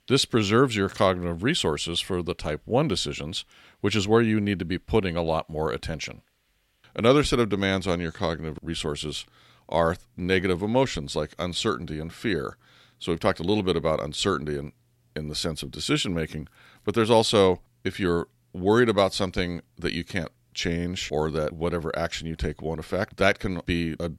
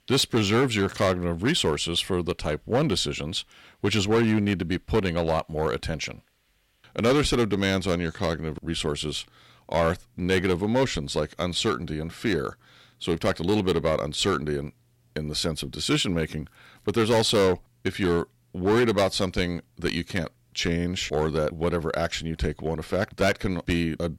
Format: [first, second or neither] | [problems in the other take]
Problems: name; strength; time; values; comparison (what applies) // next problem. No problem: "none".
first | distortion; slight; 4% of the sound clipped